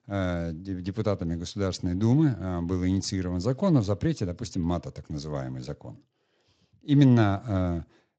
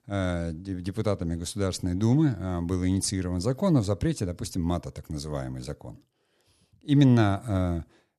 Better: second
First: garbled, watery; slightly; nothing above 7.5 kHz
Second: none

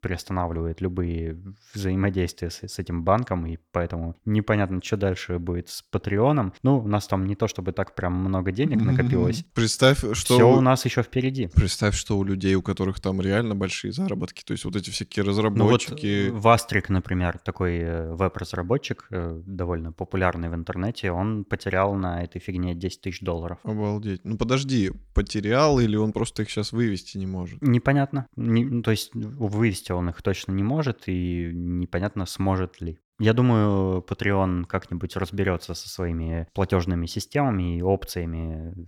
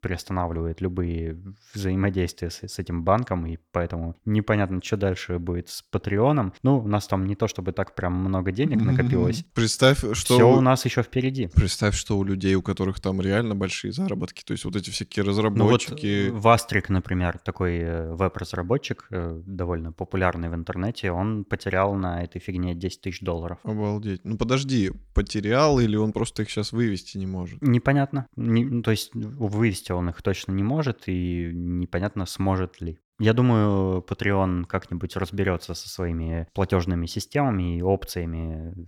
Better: neither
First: none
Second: none

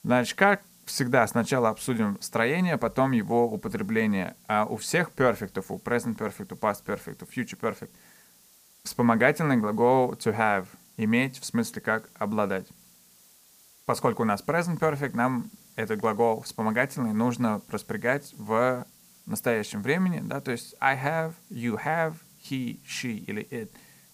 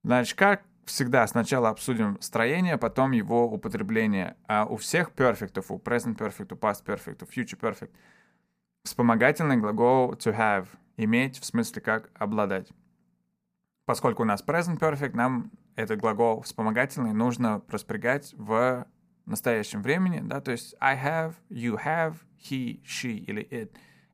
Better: second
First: hiss; faint; throughout; 25 dB below the speech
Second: none

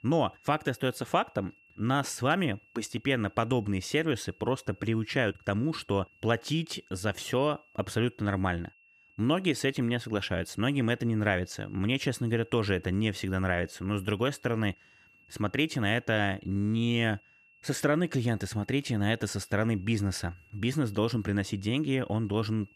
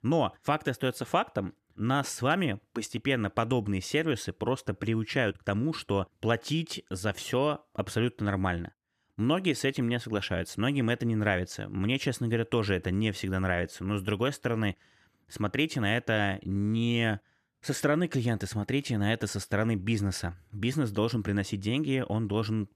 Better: second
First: high-pitched whine; faint; throughout; 2.5 kHz, 30 dB below the speech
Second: none

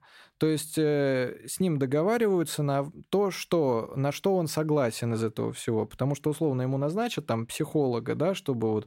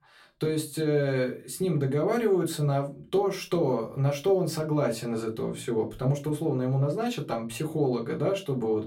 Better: first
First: none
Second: off-mic speech; far // room echo; very slight; dies away in 0.2 s

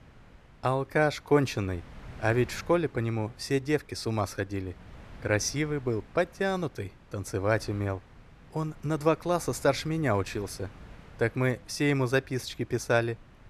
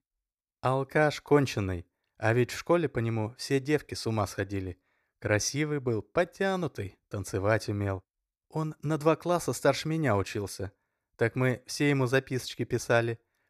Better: second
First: wind noise on the microphone; occasional gusts; 25 dB below the speech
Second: none

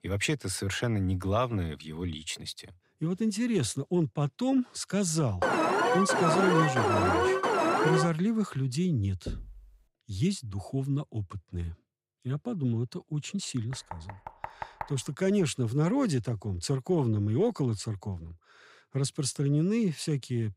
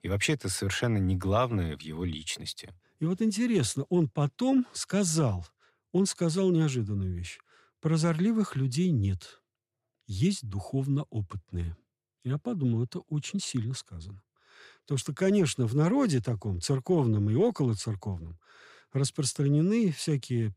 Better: second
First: alarm; loud; from 5.5 to 8 s; peak 5 dB above the speech // door banging; faint; at 9.5 s and from 14 to 15 s; peak 10 dB below the speech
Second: none

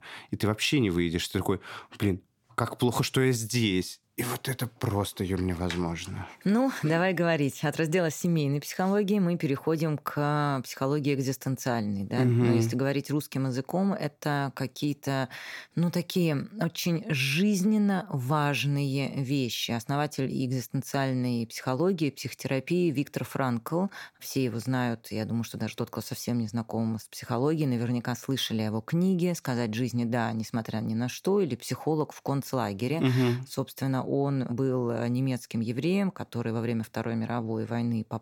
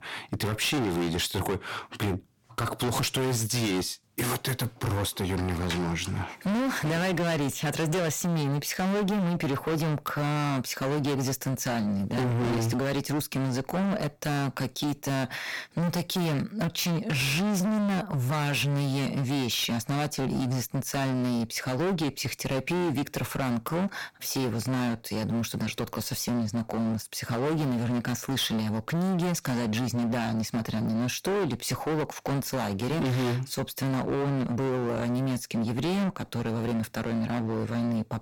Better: first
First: none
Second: distortion; heavy; 31% of the sound clipped

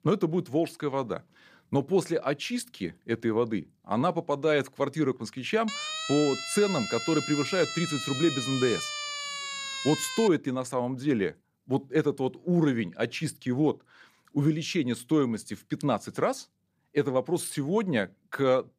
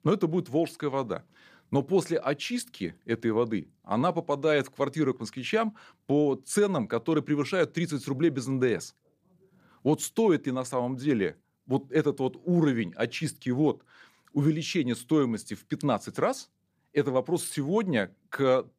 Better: second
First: siren; noticeable; from 5.5 to 10 s; peak 3 dB below the speech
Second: none

